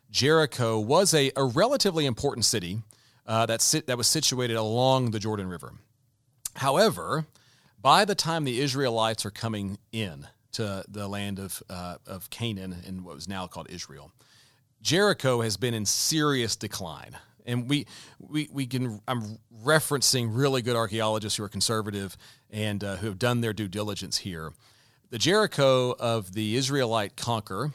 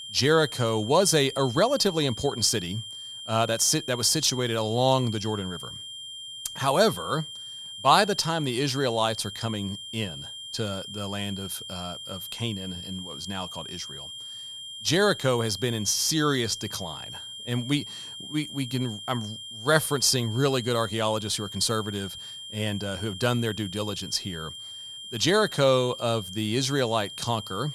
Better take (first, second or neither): first